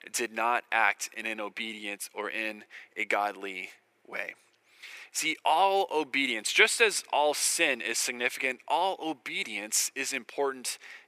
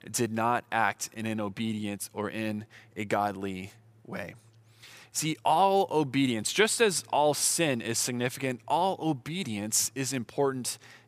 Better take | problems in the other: second | thin; somewhat; fading below 350 Hz

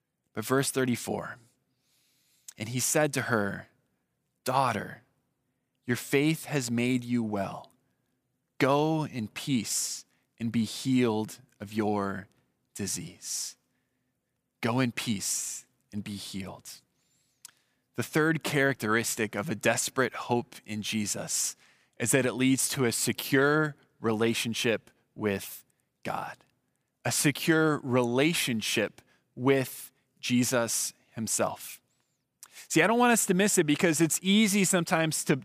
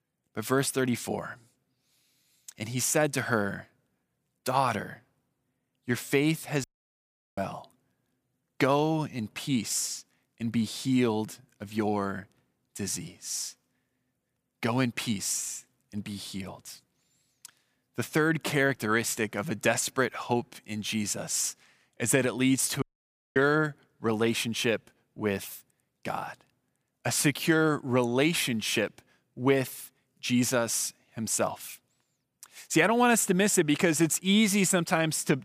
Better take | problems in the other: first | audio cutting out; at 6.5 s for 0.5 s and at 23 s for 0.5 s

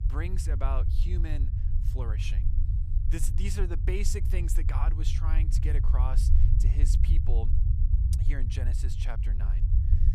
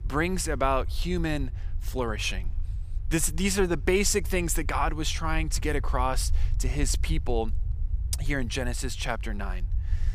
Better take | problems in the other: second | low rumble; loud; throughout; 5 dB below the speech; faint in the second

